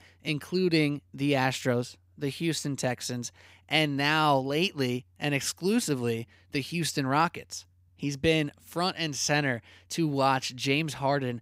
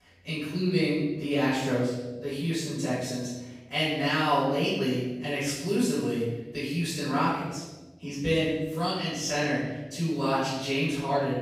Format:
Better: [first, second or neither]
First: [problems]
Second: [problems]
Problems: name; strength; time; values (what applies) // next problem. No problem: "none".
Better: first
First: none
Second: off-mic speech; far // room echo; strong; dies away in 1 s